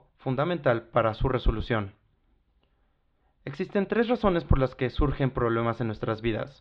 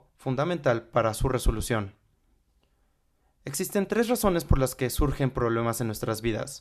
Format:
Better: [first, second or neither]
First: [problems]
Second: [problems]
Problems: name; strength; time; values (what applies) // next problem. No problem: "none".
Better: second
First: muffled; very; fading above 3.5 kHz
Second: none